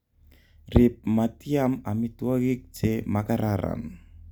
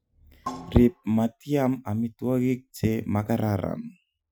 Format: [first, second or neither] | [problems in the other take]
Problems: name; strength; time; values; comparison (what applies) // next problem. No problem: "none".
first | noise reduction (classical method Wiener filter)